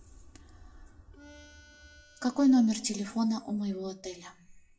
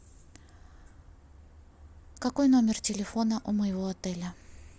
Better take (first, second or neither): second